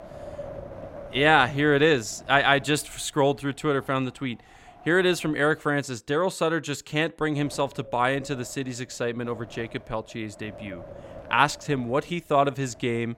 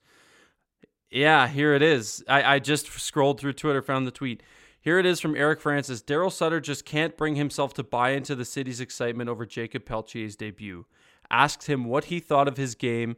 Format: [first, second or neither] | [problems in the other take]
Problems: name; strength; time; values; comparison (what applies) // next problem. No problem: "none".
second | wind noise on the microphone; occasional gusts; until 5.5 s and from 7.5 s on; 20 dB below the speech